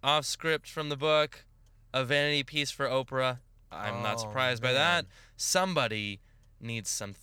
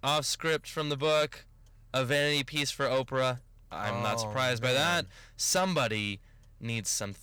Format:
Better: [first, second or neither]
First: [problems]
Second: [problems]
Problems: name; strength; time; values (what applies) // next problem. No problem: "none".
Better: first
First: none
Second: distortion; slight; 10 dB below the speech